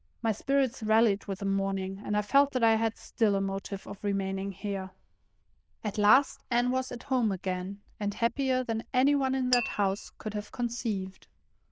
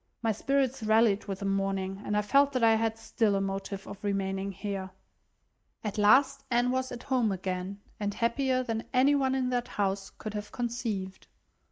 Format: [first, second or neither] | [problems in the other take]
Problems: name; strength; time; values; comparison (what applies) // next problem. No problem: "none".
second | noise reduction (neural diffusion model UNIVERSE++)